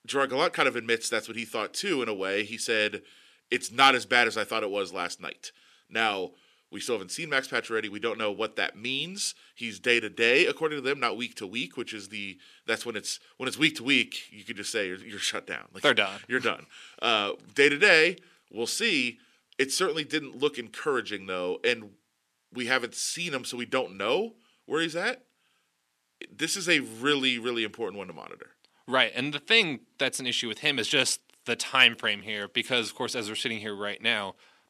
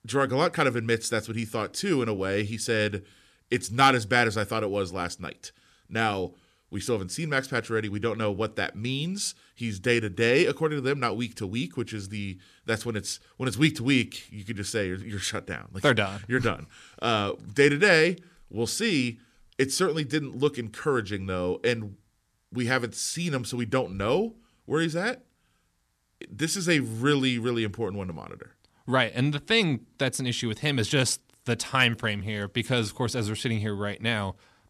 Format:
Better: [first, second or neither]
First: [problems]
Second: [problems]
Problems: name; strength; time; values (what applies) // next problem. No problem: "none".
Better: second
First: thin; somewhat; fading below 300 Hz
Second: none